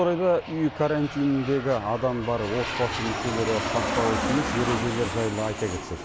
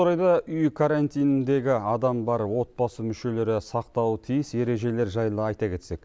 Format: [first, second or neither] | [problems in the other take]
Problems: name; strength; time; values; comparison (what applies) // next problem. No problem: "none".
second | background sound (Aircraft); 5 dB below the speech